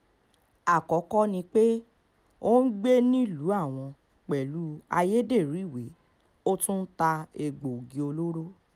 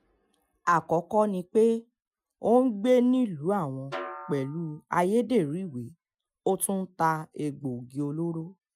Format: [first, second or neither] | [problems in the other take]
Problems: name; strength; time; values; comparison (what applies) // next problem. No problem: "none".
first | noise reduction (classical method Wiener filter)